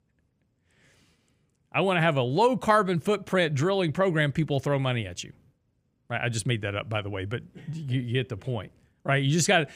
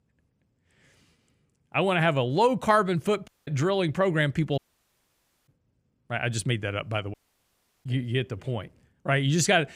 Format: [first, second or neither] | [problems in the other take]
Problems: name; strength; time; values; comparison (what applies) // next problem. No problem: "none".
first | audio cutting out; at 3.5 s, at 4.5 s for 1 s and at 7 s for 0.5 s